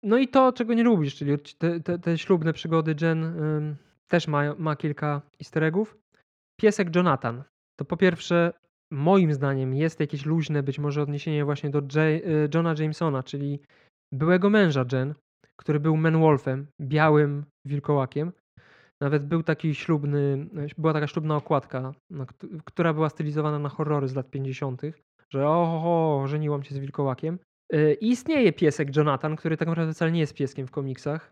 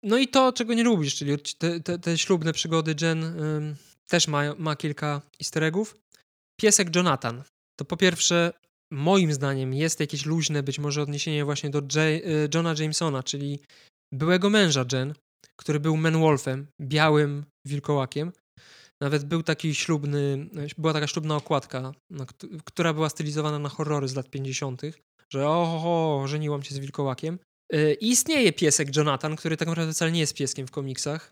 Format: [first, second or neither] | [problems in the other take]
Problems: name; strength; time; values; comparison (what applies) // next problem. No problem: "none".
second | muffled; very; fading above 4 kHz